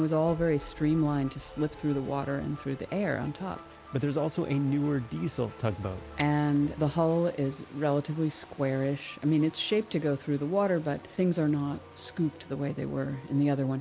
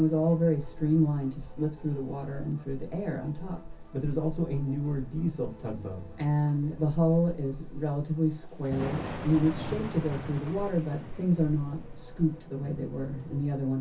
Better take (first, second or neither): first